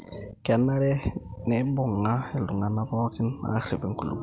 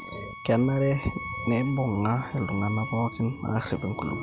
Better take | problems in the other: first | background sound (Bowed string instrument); 13 dB below the speech

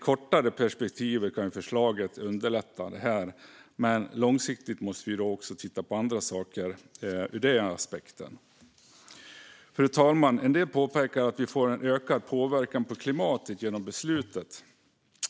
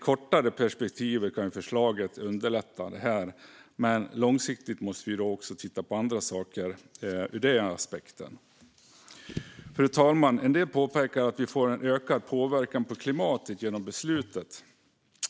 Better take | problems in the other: first | background sound (Fireworks / Boom); 20 dB below the speech

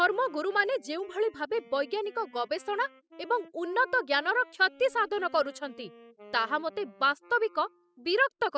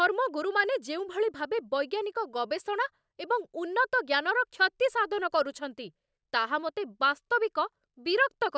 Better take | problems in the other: second | noise reduction (classical method spectral subtraction)

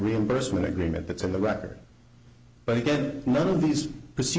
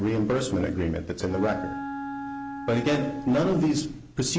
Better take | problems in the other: first | background sound (Wind instrument, woodwind instrument); 10 dB below the speech

